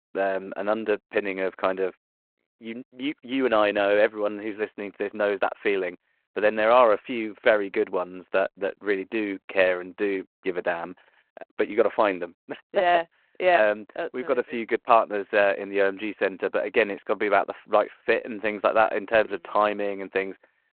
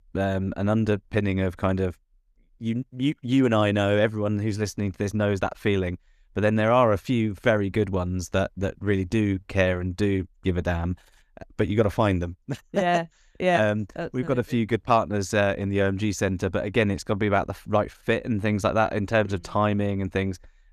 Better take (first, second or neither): second